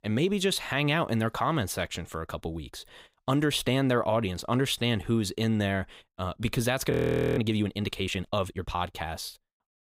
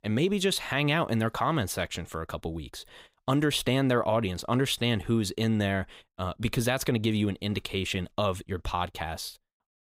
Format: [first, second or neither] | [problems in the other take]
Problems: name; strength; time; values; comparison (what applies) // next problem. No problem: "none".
second | audio freezing; at 7 s